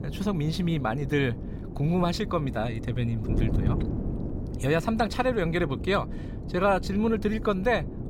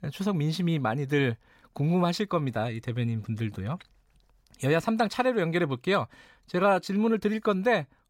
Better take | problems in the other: second | wind noise on the microphone; occasional gusts; 15 dB below the speech

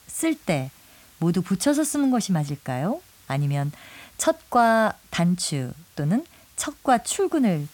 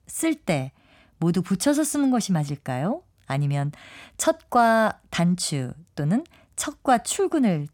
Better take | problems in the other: second | hiss; faint; throughout; 25 dB below the speech

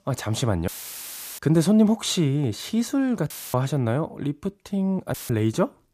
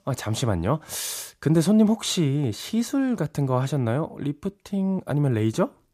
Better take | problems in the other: second | audio cutting out; filled with static; at 0.5 s for 0.5 s, at 3.5 s and at 5 s

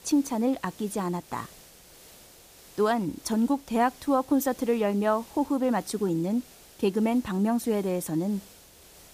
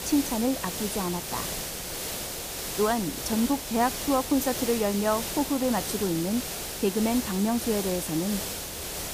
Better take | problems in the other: first | hiss; loud; throughout; 4 dB below the speech; faint in the first

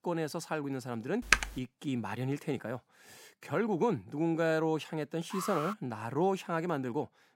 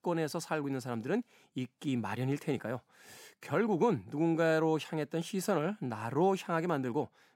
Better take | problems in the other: second | keyboard typing; loud; at 1.5 s; peak 6 dB above the speech // alarm; noticeable; at 5.5 s; peak 4 dB below the speech

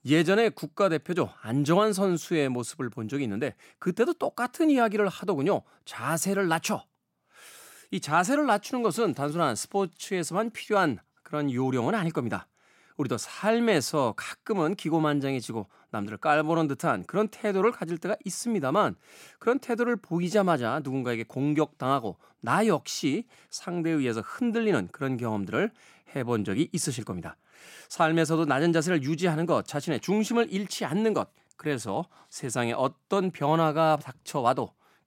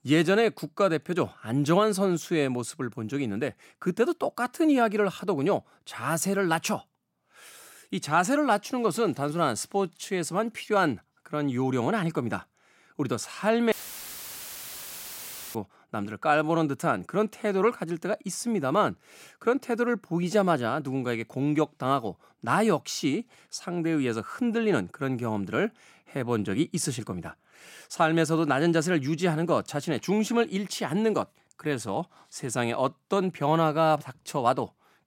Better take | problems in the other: first | audio cutting out; filled with static; at 14 s for 2 s

